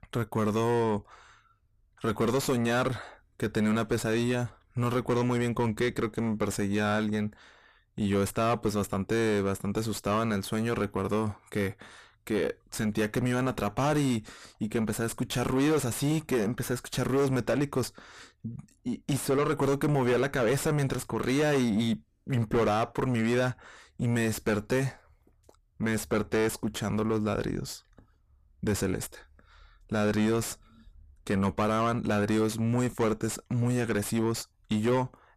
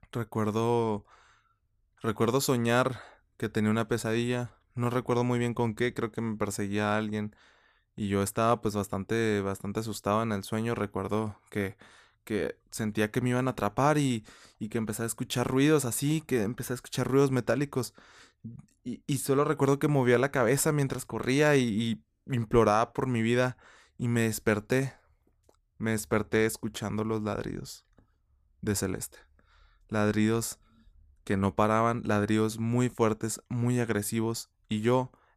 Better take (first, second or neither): second